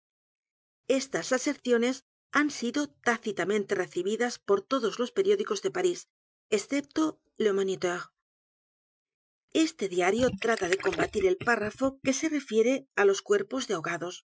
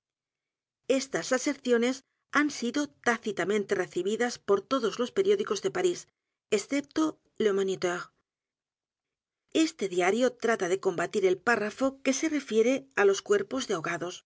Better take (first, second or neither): second